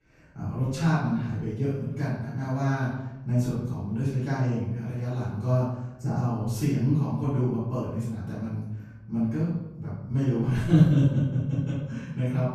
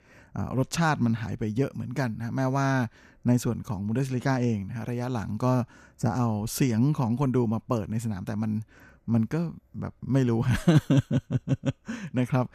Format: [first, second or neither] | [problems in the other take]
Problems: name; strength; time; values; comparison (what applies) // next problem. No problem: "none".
second | off-mic speech; far // room echo; noticeable; dies away in 1 s